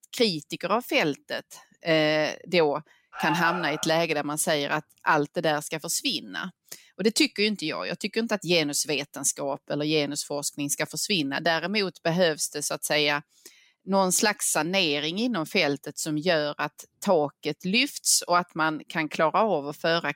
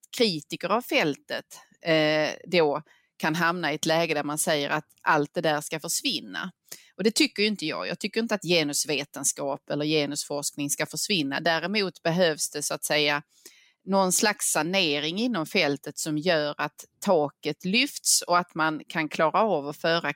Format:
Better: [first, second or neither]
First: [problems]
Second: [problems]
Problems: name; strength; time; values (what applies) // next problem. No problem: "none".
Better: second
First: alarm; noticeable; at 3 s; peak 4 dB below the speech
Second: none